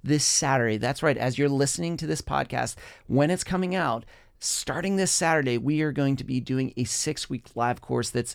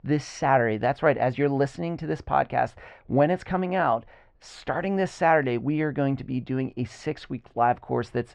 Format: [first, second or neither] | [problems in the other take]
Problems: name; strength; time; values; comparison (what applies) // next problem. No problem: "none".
first | muffled; very; fading above 2 kHz